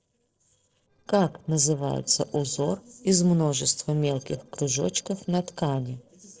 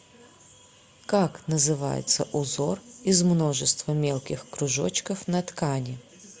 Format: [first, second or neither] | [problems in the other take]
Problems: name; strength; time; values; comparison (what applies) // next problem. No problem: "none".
second | noise reduction (neural separator model SepFormer DNS4)